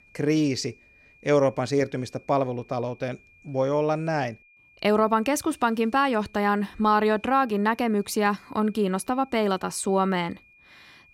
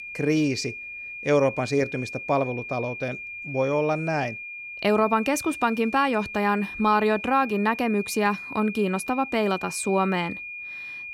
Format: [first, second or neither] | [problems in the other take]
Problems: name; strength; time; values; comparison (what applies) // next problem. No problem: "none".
first | high-pitched whine; loud; throughout; 2.5 kHz, 10 dB below the speech; faint in the first